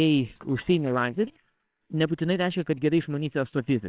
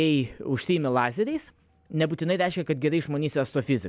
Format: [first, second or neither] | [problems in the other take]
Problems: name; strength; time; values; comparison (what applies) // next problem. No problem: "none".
second | noise reduction (neural separator model SepFormer WHAMR!)